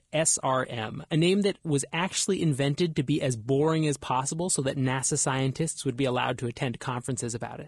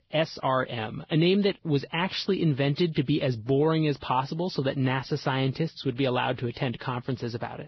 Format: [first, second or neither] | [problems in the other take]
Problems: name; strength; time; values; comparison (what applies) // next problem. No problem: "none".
first | garbled, watery; badly; nothing above 5.5 kHz; slightly in the first